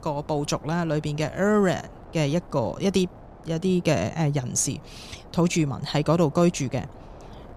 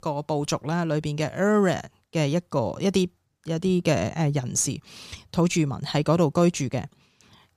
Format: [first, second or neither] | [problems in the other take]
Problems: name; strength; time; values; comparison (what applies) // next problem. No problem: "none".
second | wind noise on the microphone; occasional gusts; 20 dB below the speech